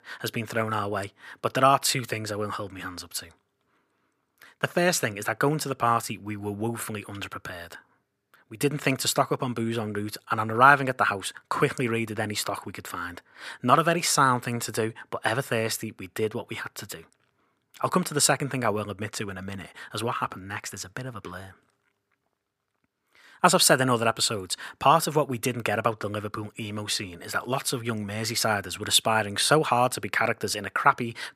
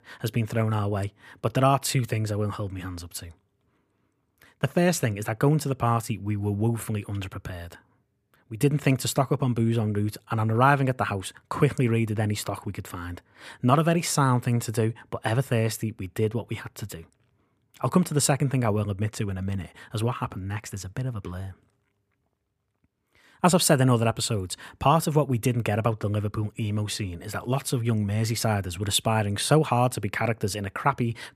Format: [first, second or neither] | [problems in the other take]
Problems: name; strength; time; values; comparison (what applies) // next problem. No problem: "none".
second | thin; somewhat; fading below 850 Hz